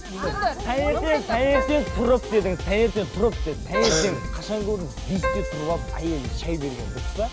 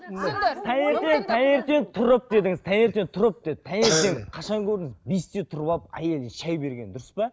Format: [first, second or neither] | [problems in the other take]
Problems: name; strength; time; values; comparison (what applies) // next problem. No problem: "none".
second | background sound (Drum kit + Keyboard (musical)); 5 dB below the speech